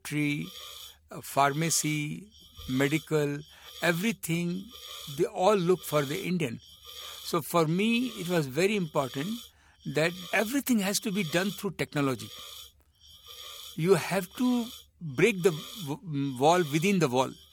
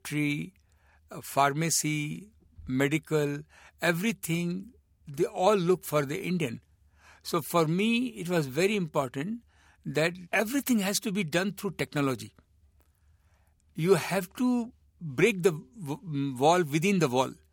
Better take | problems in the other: second | hiss; noticeable; throughout; 15 dB below the speech

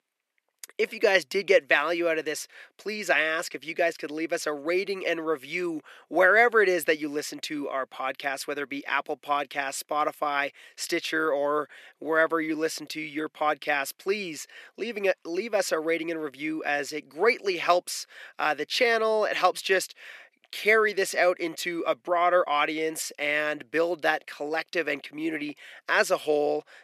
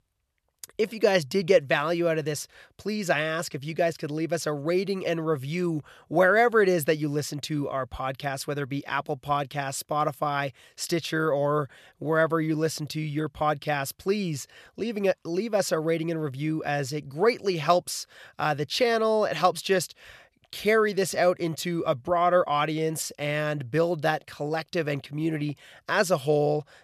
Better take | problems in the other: second | thin; somewhat; fading below 250 Hz

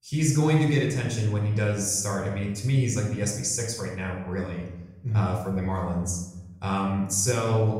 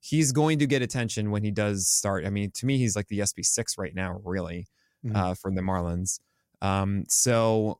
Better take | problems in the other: second | off-mic speech; far // room echo; noticeable; dies away in 0.9 s

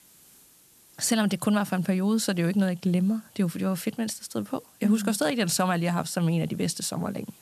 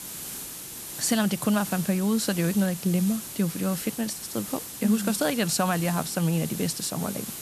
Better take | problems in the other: first | hiss; loud; throughout; 9 dB below the speech; faint in the first

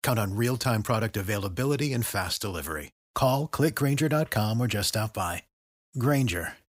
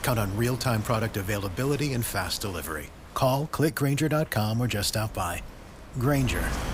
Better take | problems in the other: first | wind noise on the microphone; occasional gusts; 15 dB below the speech

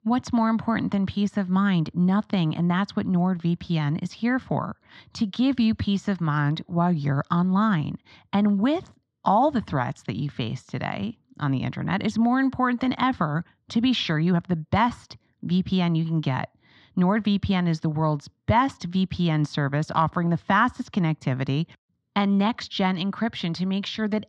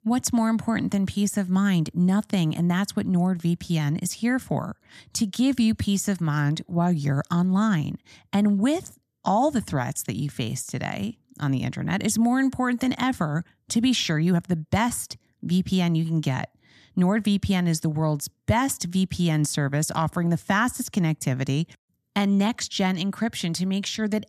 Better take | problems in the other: second | muffled; slightly; fading above 4 kHz

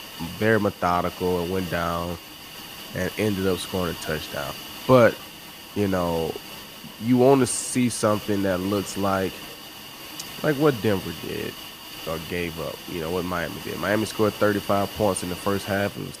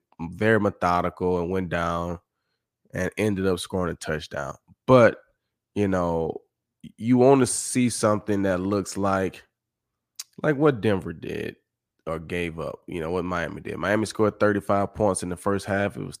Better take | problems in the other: second | hiss; noticeable; throughout; 10 dB below the speech

